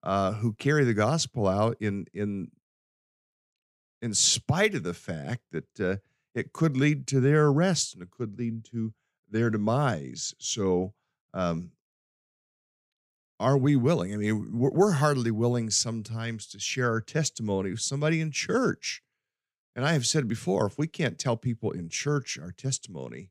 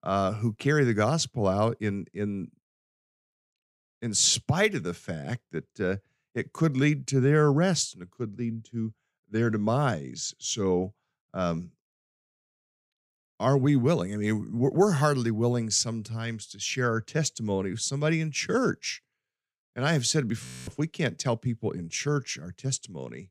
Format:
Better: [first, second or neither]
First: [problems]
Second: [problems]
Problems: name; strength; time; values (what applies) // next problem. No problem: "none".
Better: first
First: none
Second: audio freezing; at 20 s